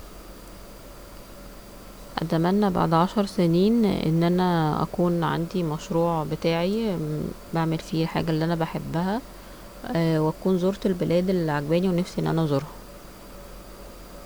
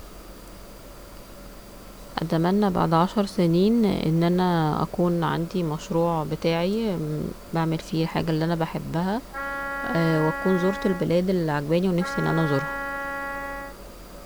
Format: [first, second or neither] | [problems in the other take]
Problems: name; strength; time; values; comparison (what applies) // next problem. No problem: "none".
first | background sound (Wind instrument, woodwind instrument); 8 dB below the speech